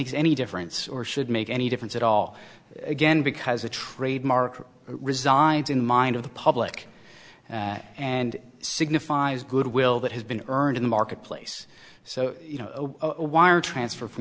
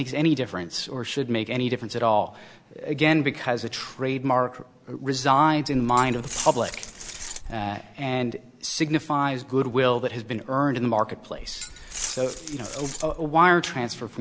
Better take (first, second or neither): first